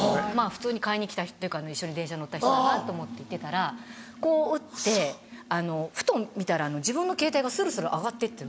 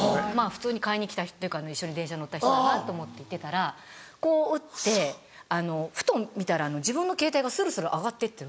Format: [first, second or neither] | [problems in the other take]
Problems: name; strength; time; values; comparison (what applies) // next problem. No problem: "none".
second | background sound (Sink (filling or washing)); 18 dB below the speech